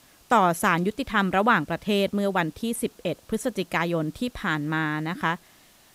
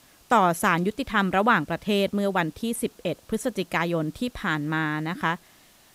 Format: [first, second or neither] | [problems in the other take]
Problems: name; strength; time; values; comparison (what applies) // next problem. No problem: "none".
neither | hiss; faint; throughout; 30 dB below the speech; the same in both